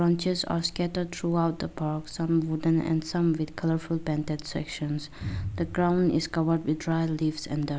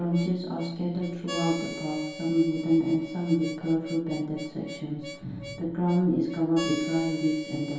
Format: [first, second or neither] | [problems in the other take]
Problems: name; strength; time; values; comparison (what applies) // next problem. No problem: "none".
first | background sound (Harmonica); 13 dB below the speech // room echo; dies away in 2.2 s